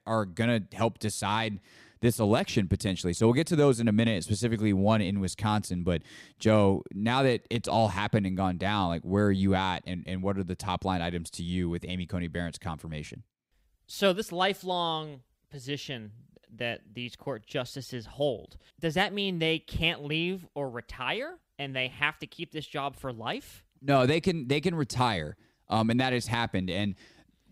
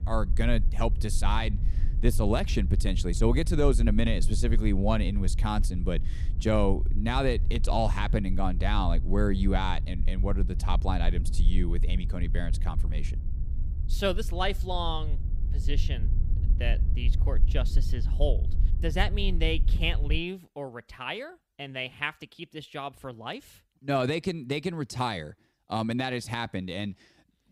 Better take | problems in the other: first | low rumble; noticeable; until 20 s; 15 dB below the speech

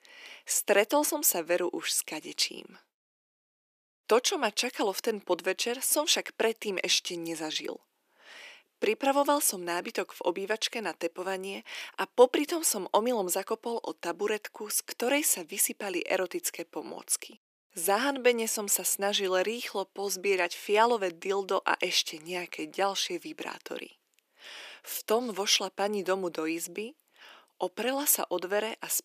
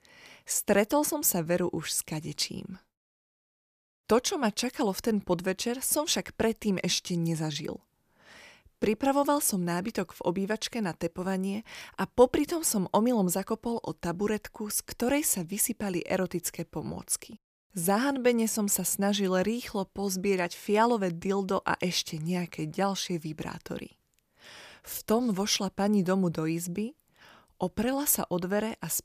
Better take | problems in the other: second | thin; somewhat; fading below 300 Hz

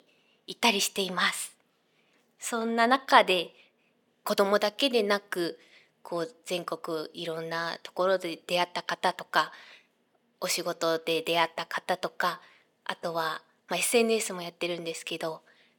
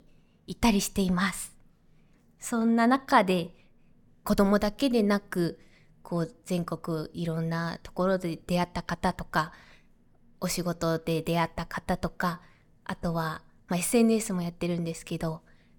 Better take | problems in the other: second | thin; somewhat; fading below 450 Hz

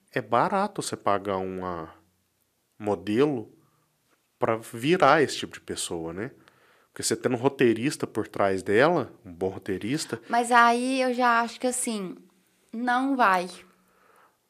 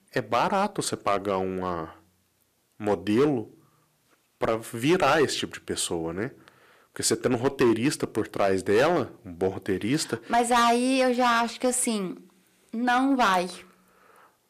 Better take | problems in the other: first | distortion; heavy; 4% of the sound clipped

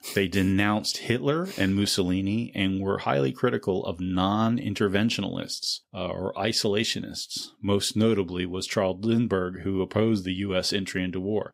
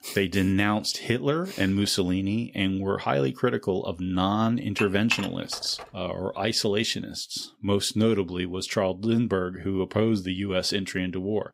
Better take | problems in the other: first | clattering dishes; noticeable; from 5 to 6 s; peak 2 dB below the speech

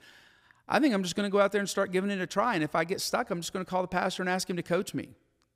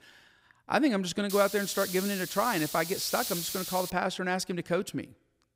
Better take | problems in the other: first | hiss; very faint; from 1.5 to 4 s; 6 dB below the speech

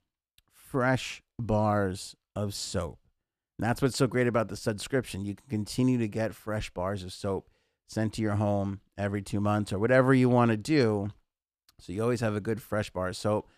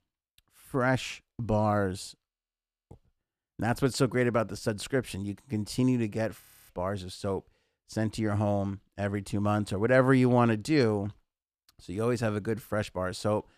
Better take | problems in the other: first | audio freezing; at 2.5 s for 0.5 s and at 6.5 s

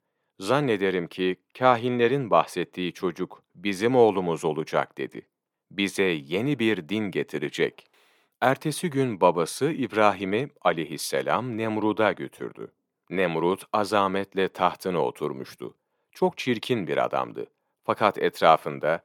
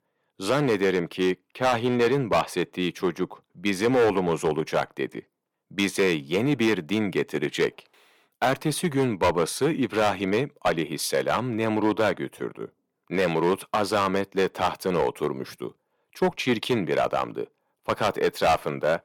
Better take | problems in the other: first | distortion; heavy; 5% of the sound clipped

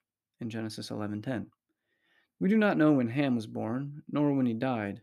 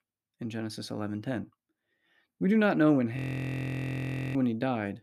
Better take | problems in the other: first | audio freezing; at 3 s for 1 s

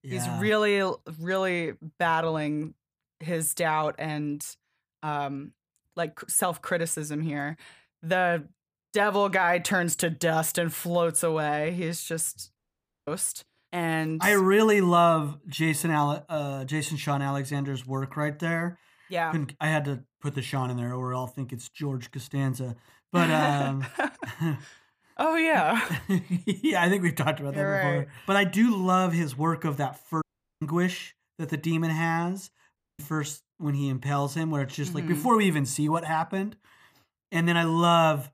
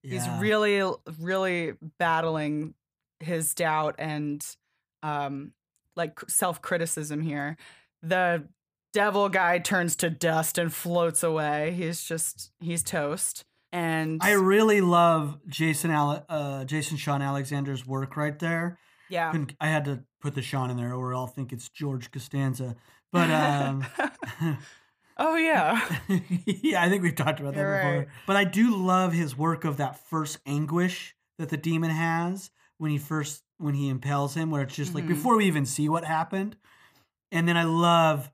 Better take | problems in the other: second | audio cutting out; at 13 s for 0.5 s, at 30 s and at 33 s

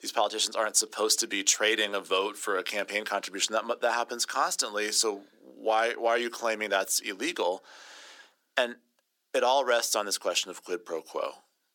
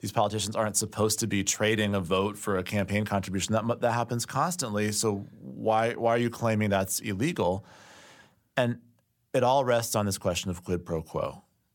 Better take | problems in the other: second | thin; very; fading below 300 Hz

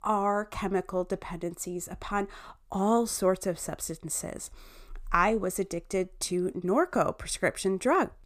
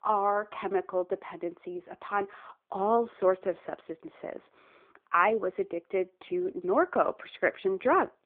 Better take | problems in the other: first | phone-call audio

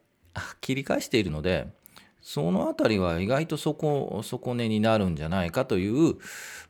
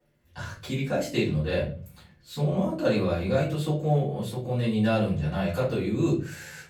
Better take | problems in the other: first | off-mic speech; far // room echo; slight; dies away in 0.5 s

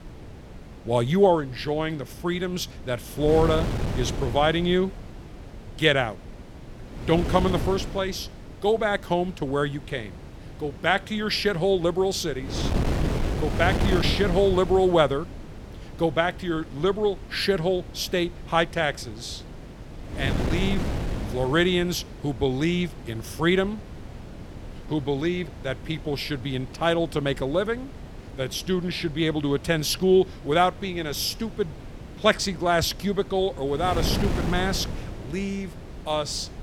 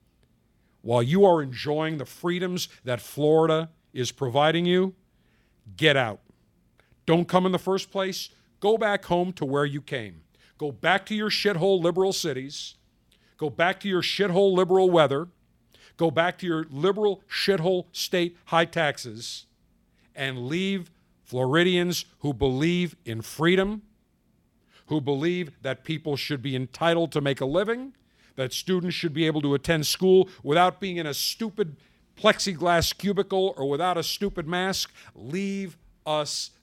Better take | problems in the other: second | wind noise on the microphone; occasional gusts; 15 dB below the speech

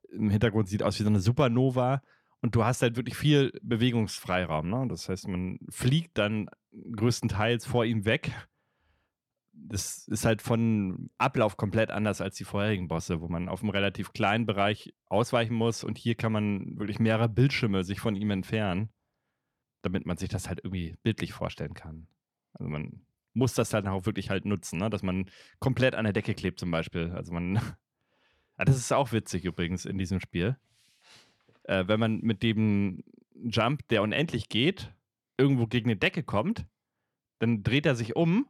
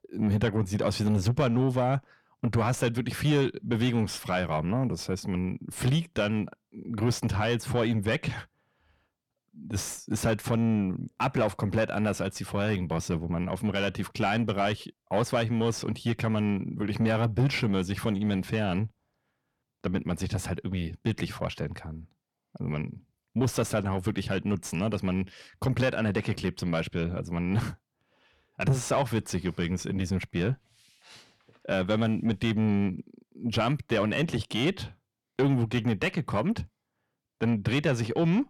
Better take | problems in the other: first | distortion; slight; 10 dB below the speech

